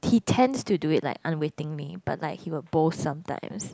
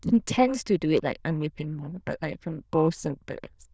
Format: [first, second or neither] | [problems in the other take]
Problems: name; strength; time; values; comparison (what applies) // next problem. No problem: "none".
first | noise reduction (neural diffusion model UNIVERSE++)